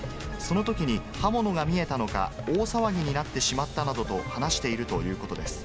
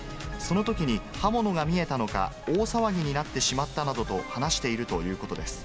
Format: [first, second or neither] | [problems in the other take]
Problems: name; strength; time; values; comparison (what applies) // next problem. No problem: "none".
second | background sound (Musical instrument); 12 dB below the speech